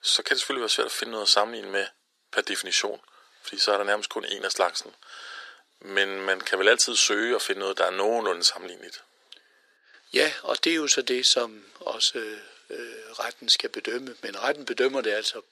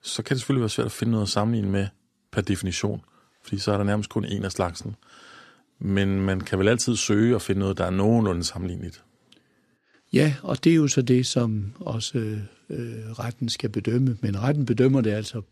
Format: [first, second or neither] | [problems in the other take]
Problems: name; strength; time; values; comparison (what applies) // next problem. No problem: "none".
second | thin; very; fading below 450 Hz